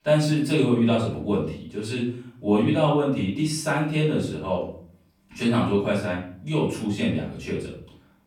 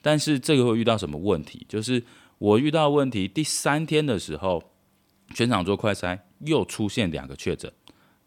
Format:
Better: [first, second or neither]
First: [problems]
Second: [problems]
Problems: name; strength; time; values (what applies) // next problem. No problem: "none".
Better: second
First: off-mic speech; far // room echo; noticeable; dies away in 0.5 s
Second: none